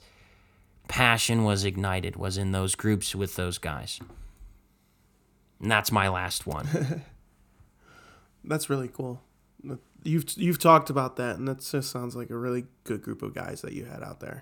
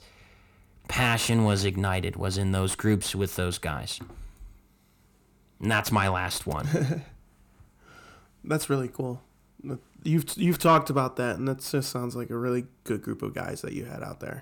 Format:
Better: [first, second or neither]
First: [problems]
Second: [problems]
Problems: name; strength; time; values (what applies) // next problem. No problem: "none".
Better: first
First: none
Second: distortion; slight; 10 dB below the speech